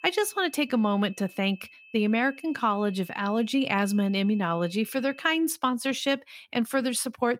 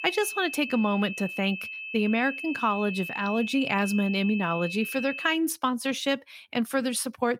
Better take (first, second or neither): first